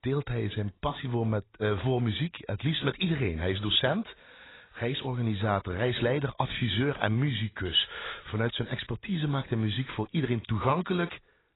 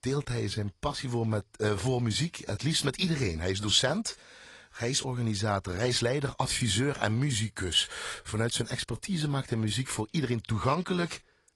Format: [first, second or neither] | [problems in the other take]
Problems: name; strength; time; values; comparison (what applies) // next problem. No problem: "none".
second | garbled, watery; badly; nothing above 4 kHz; slightly in the second